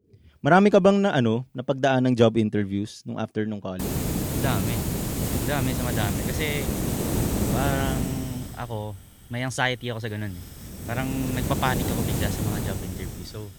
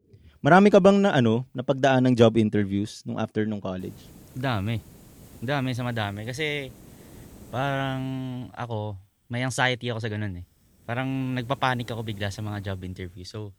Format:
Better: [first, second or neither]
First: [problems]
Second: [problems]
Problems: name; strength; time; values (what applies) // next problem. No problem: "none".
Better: second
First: hiss; loud; from 4 s on; 2 dB below the speech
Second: hiss; faint; from 4 s on; 25 dB below the speech